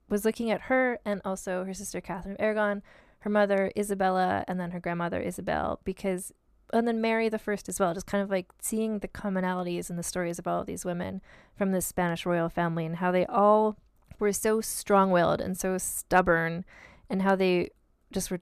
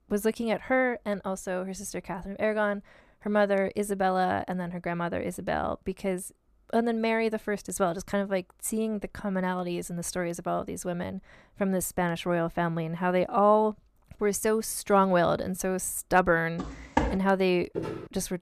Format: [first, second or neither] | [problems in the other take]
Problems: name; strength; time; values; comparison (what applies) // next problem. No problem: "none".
first | footsteps; noticeable; at 17 s and at 18 s; peak 1 dB below the speech